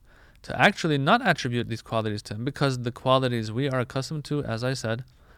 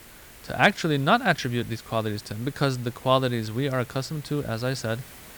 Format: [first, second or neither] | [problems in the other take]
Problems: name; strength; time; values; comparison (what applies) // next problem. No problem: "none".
first | hiss; noticeable; throughout; 20 dB below the speech